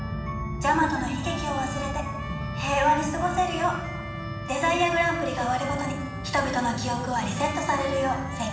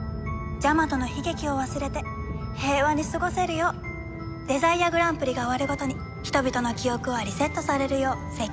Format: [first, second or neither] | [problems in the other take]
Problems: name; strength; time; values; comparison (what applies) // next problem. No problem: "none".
second | background sound (Trumpet); 14 dB below the speech // room echo; dies away in 1.1 s